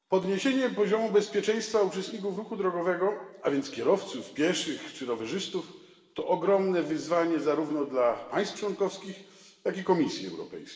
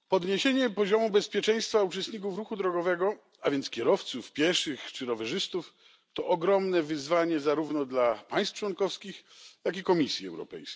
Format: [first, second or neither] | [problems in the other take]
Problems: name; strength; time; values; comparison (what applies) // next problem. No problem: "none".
second | room echo; dies away in 1.1 s